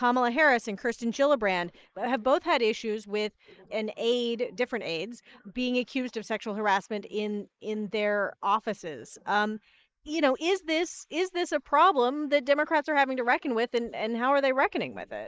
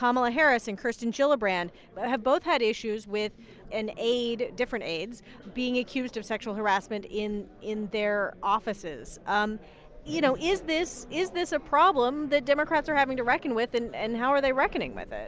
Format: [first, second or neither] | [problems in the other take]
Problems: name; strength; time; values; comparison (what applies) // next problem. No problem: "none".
second | noise reduction (neural mask model Resemble Enhance denoiser)